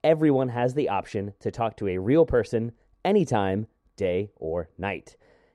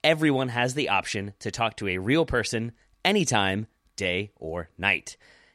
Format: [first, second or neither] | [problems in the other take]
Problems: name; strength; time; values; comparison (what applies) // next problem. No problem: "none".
second | muffled; very; fading above 1.5 kHz